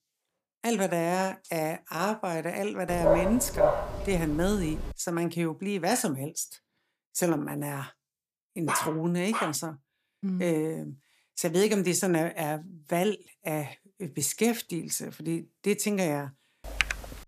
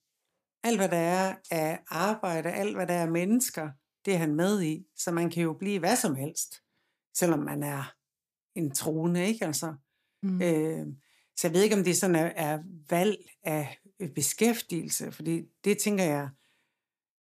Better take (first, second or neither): second